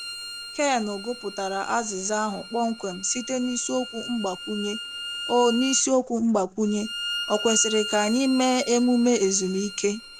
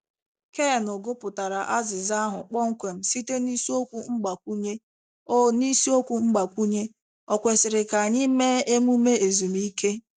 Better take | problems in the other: second | background sound (Bowed string instrument); 11 dB below the speech

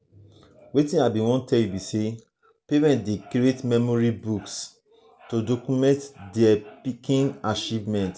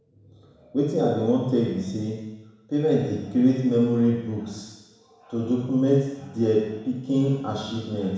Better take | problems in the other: first | room echo; dies away in 1.1 s

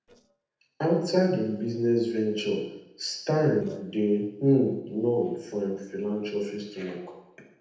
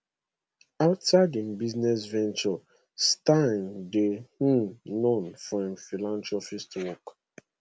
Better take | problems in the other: second | noise reduction (neural separator model SepFormer DNS4)

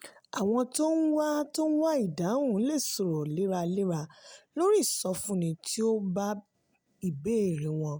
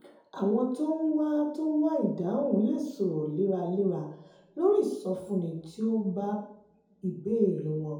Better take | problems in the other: first | room echo; dies away in 2.5 s

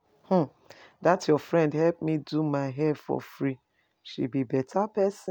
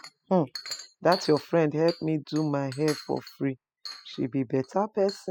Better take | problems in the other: first | noise reduction (classical method spectral subtraction)

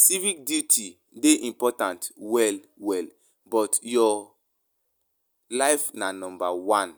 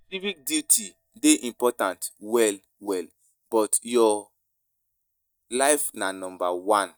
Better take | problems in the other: first | noise reduction (neural mask model DeepFilterNet 3)

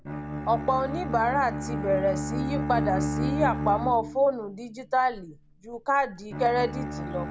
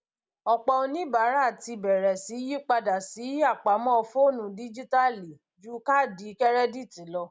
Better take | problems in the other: second | background sound (Bowed string instrument); 5 dB below the speech

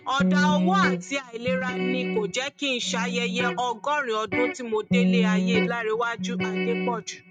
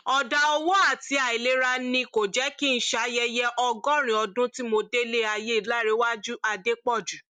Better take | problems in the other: second | noise reduction (neural mask model RNNoise)

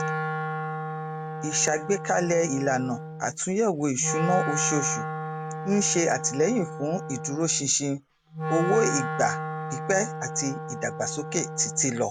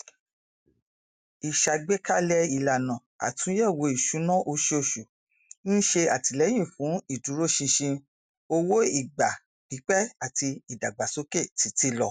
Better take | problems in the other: second | background sound (Wind instrument, woodwind instrument); 5 dB below the speech

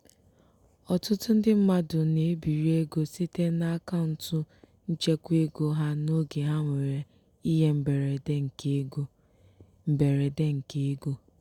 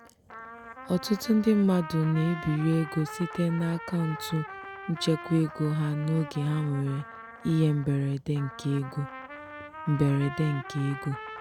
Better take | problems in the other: first | background sound (Trumpet); 14 dB below the speech

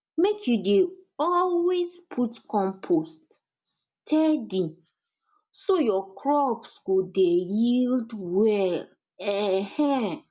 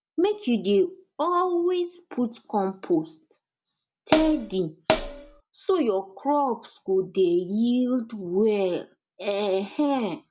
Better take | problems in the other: first | background sound (Hi-hat); 1 dB below the speech

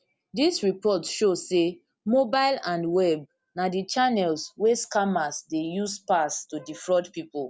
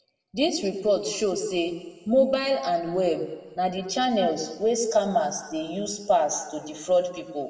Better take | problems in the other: first | room echo; dies away in 1.4 s

